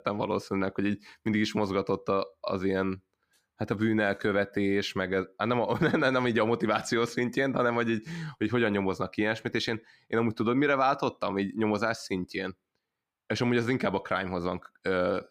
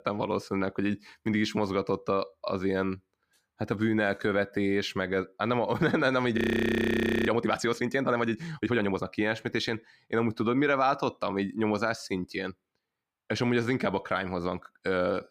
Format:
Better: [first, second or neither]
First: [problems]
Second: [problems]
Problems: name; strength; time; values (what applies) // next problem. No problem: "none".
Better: first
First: none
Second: audio freezing; at 6.5 s for 1 s